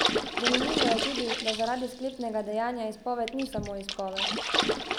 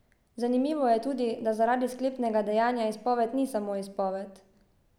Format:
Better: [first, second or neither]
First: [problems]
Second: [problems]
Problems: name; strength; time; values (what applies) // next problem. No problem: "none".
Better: second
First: background sound (Water / Splash, splatter); 1 dB above the speech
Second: none